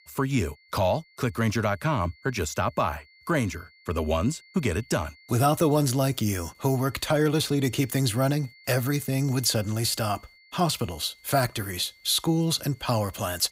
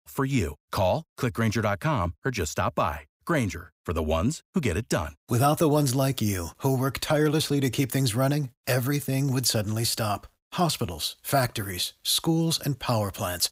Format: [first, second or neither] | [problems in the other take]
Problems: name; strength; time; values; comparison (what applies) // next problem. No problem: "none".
second | high-pitched whine; faint; throughout; 2 kHz, 25 dB below the speech